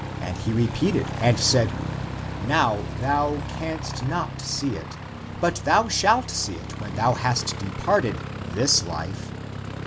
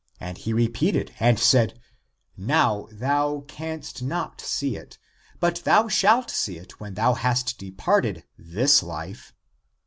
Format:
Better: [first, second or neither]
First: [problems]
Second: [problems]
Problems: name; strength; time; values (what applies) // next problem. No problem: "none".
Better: second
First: background sound (Aircraft); 7 dB below the speech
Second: none